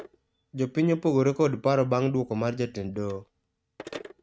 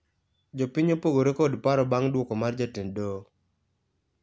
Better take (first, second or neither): second